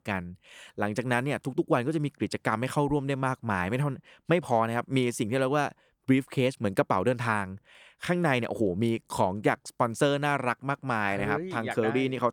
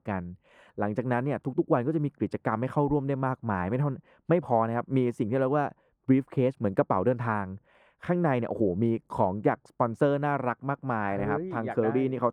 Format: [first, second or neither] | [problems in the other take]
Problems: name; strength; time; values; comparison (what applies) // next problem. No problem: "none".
first | muffled; very; fading above 2 kHz